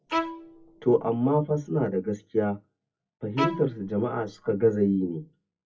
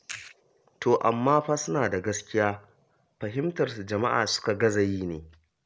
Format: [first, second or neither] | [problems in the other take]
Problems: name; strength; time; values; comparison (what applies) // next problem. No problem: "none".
second | noise reduction (classical method WPE with log-MMSE)